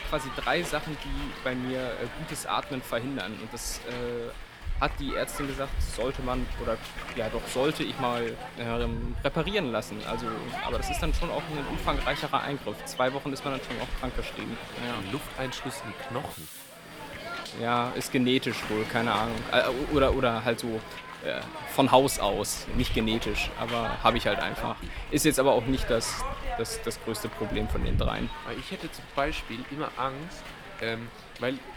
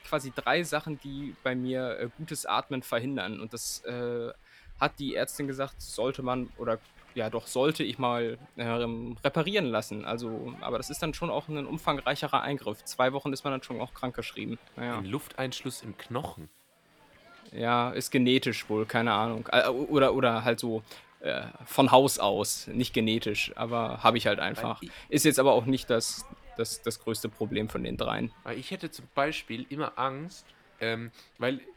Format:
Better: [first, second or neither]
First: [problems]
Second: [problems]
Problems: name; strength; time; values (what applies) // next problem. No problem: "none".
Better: second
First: hiss; loud; throughout; 7 dB below the speech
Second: hiss; faint; throughout; 25 dB below the speech